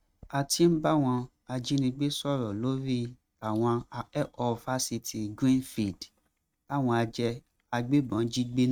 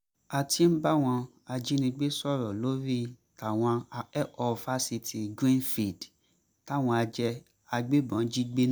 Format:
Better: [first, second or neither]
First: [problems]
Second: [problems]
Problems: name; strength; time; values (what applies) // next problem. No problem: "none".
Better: second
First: noise reduction (neural mask model RNNoise)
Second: none